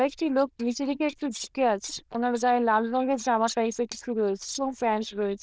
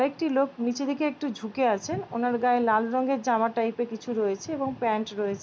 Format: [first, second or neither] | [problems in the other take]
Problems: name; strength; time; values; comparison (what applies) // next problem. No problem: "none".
second | noise reduction (neural diffusion model UNIVERSE++)